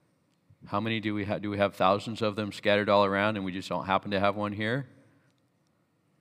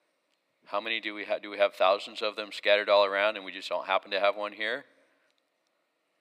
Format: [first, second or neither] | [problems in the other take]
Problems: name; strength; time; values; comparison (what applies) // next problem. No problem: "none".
first | thin; very; fading below 400 Hz